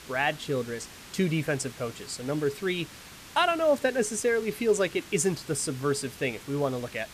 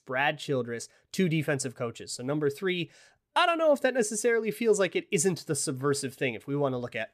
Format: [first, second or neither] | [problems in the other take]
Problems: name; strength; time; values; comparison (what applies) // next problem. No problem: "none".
second | hiss; noticeable; throughout; 15 dB below the speech